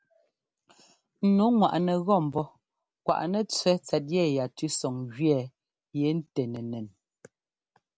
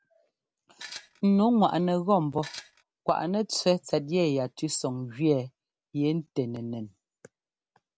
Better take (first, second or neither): first